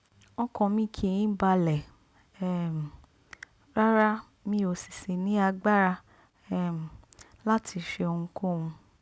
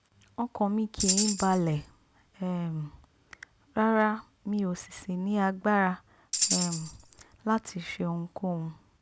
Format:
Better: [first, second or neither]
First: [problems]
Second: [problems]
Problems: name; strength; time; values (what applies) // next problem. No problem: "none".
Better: first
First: none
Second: background sound (Tambourine); 2 dB below the speech